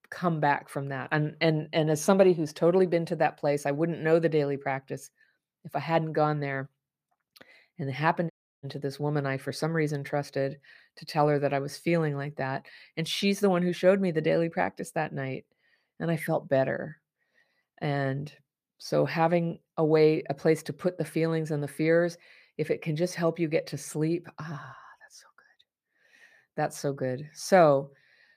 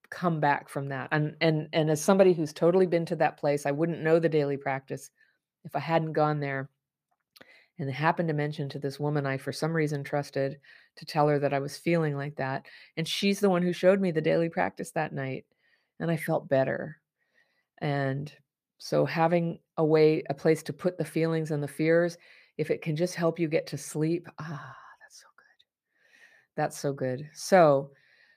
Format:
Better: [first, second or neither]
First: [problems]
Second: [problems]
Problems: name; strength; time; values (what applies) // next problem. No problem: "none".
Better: second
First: audio cutting out; at 8.5 s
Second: none